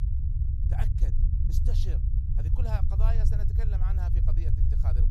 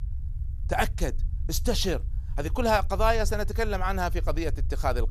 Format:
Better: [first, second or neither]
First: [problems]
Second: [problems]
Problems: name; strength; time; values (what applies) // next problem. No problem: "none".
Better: second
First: low rumble; loud; throughout; as loud as the speech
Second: low rumble; faint; throughout; 25 dB below the speech